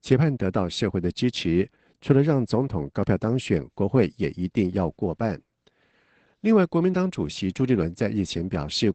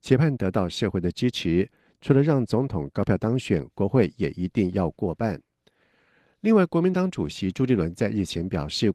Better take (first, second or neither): second